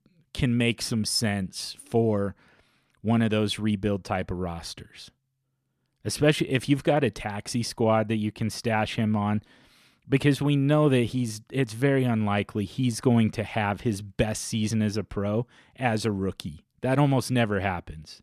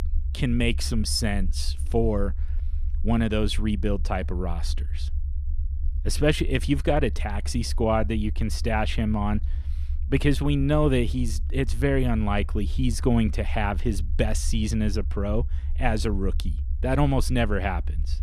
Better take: first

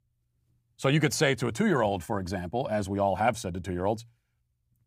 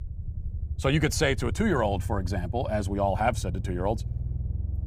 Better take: first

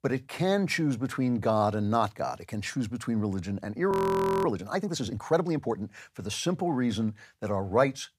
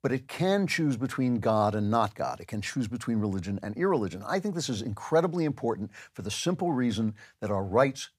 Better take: second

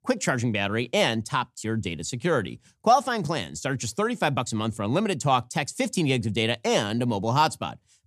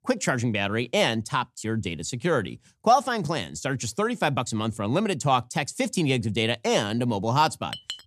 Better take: first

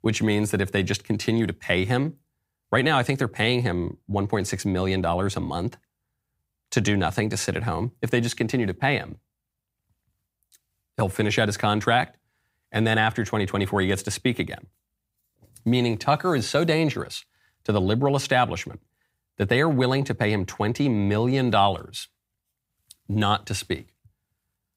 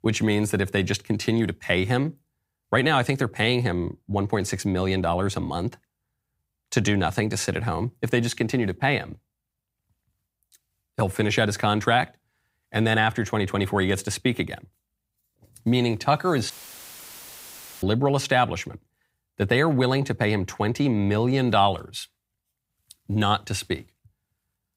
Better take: first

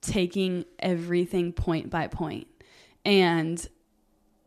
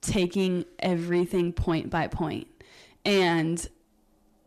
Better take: first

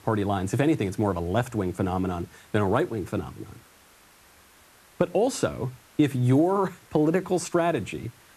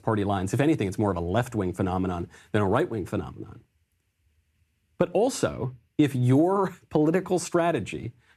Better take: second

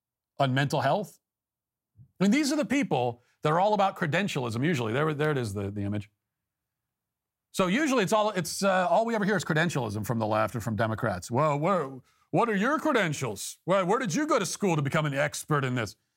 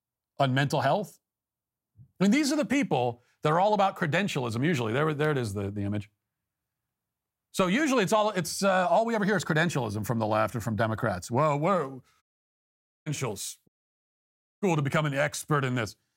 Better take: first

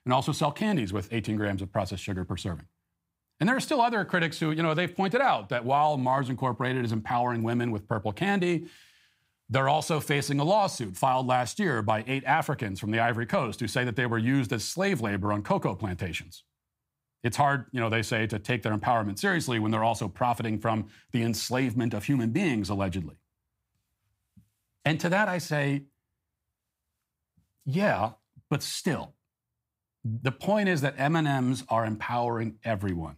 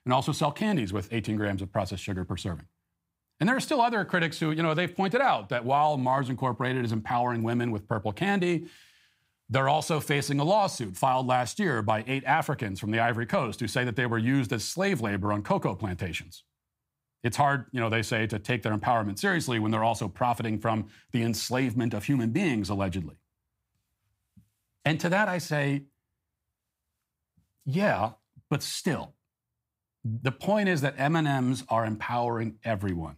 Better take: neither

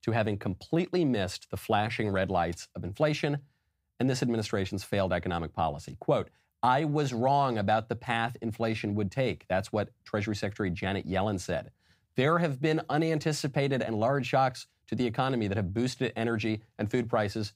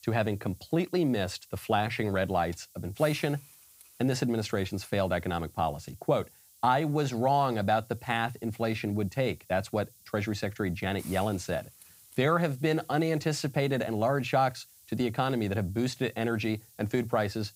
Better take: first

